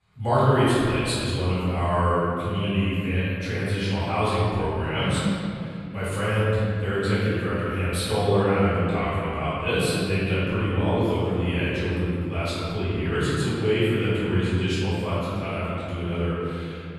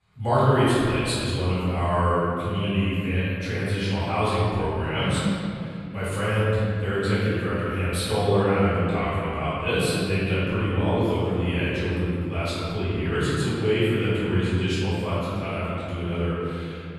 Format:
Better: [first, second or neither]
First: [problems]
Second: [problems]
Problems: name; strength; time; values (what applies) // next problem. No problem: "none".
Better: neither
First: off-mic speech; far // room echo; strong; dies away in 2.6 s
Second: off-mic speech; far // room echo; strong; dies away in 2.6 s